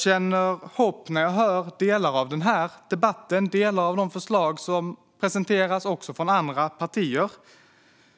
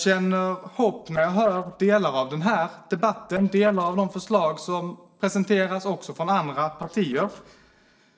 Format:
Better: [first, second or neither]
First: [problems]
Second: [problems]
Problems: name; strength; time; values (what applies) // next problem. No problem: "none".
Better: first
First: none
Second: noise reduction (neural separator model SepFormer DNS4)